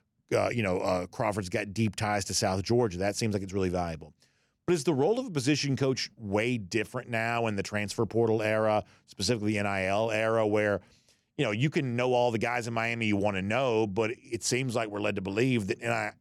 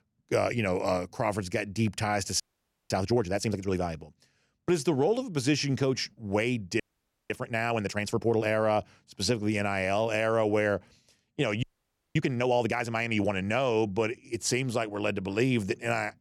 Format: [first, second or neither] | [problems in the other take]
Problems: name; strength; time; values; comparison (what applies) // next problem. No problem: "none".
first | audio freezing; at 2.5 s for 0.5 s, at 7 s for 0.5 s and at 12 s for 0.5 s